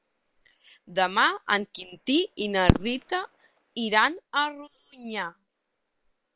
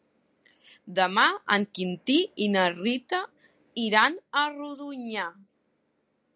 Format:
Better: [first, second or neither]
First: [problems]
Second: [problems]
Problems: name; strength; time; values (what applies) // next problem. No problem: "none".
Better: second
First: noise reduction (neural separator model SepFormer WHAM!)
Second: none